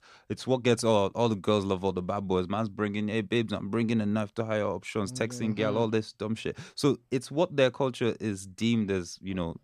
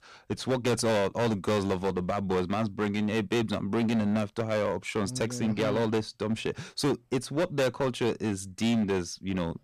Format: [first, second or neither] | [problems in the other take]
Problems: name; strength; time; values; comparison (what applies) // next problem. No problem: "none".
first | distortion; heavy; 12% of the sound clipped